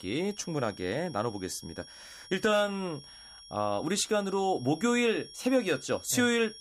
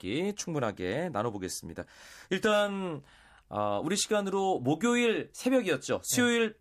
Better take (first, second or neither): second